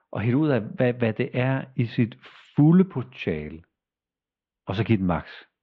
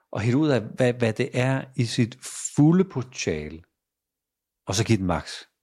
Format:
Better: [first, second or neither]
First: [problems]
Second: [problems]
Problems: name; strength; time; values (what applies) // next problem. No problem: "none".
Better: second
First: muffled; very; fading above 3 kHz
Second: none